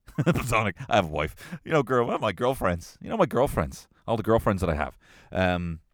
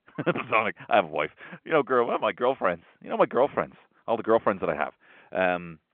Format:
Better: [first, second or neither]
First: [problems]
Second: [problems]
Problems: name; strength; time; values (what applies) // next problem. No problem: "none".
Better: first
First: none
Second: phone-call audio; nothing above 3.5 kHz